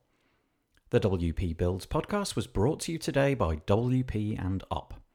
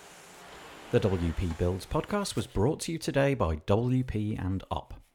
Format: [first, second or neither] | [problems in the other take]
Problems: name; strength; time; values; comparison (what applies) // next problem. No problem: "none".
first | household noises; noticeable; throughout; 20 dB below the speech